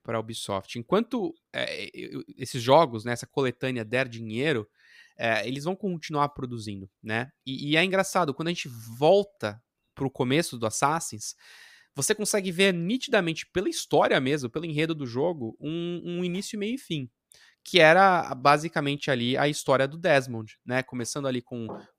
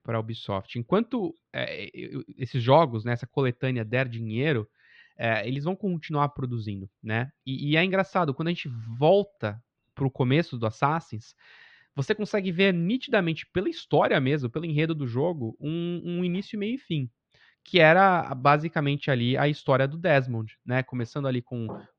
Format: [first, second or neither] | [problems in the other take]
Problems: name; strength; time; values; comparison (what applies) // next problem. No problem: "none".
first | muffled; slightly; fading above 3.5 kHz